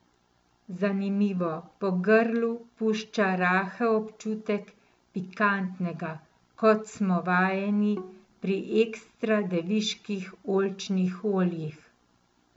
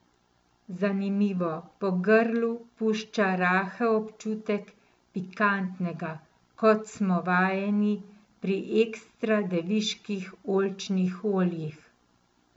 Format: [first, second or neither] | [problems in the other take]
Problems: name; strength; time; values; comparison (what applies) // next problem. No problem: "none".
second | background sound (Bowed string instrument); 18 dB below the speech